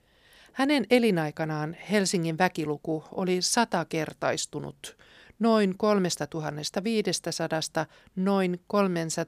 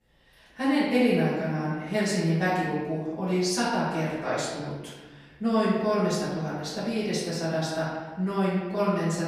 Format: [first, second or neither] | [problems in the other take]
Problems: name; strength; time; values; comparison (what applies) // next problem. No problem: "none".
first | room echo; strong; dies away in 1.2 s // off-mic speech; far